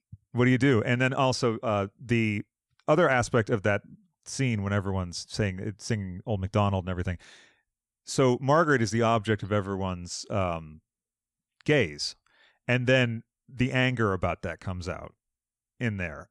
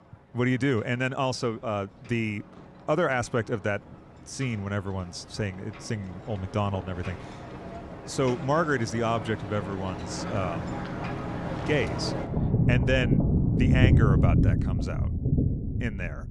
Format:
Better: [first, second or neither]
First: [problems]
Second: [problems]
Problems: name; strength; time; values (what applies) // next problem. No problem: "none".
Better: first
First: none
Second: rain or running water; very loud; throughout; 2 dB above the speech